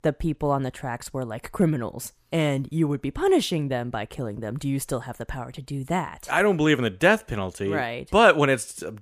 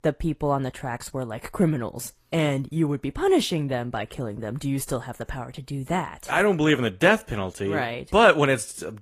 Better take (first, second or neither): first